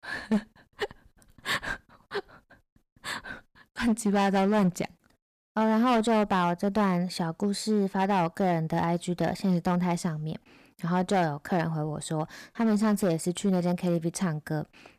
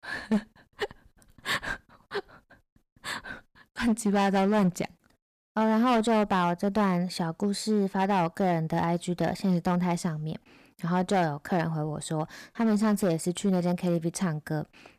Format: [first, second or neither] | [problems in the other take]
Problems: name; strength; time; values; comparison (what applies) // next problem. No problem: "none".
neither | distortion; slight; 7% of the sound clipped; the same in both